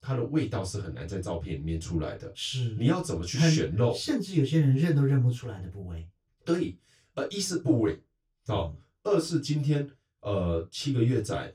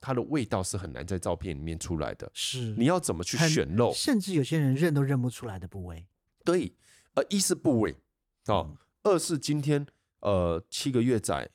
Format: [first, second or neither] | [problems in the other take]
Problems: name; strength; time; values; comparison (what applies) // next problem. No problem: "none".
second | room echo; very slight; dies away in 0.1 s // off-mic speech; far